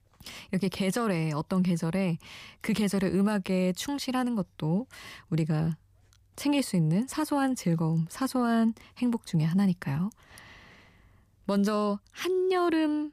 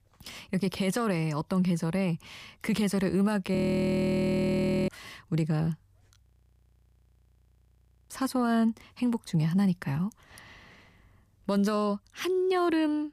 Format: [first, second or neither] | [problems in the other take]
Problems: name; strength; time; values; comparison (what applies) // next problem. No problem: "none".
first | audio freezing; at 3.5 s for 1.5 s and at 6 s for 2 s